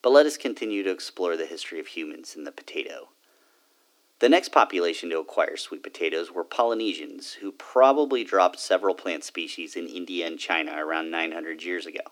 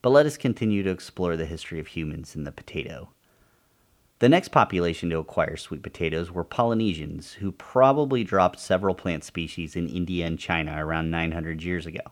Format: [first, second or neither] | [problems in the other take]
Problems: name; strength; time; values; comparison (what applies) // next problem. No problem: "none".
second | thin; somewhat; fading below 300 Hz